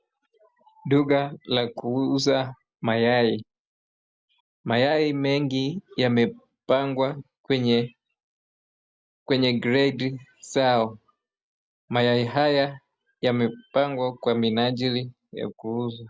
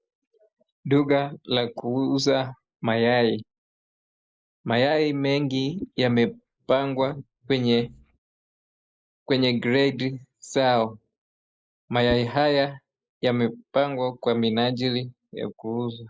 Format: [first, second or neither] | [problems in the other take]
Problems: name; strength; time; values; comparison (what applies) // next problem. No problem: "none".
first | noise reduction (neural mask model Resemble Enhance denoiser)